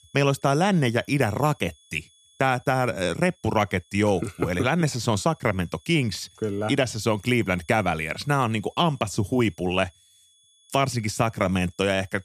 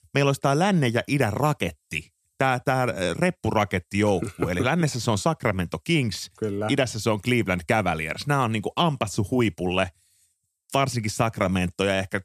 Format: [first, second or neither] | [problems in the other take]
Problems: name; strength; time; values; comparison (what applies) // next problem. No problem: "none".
second | high-pitched whine; faint; throughout; 3.5 kHz, 30 dB below the speech